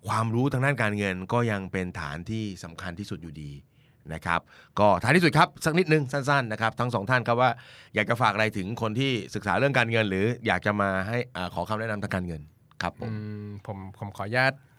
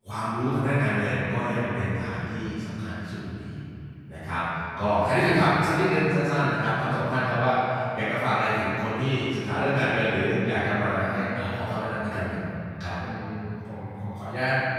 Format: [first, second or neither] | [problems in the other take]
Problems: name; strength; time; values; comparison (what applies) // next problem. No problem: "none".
first | off-mic speech; far // room echo; strong; dies away in 2.7 s